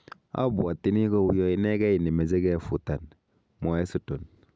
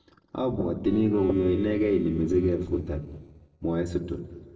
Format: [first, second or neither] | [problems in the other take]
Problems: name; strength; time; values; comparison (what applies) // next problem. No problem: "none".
first | noise reduction (neural separator model SepFormer DNS4)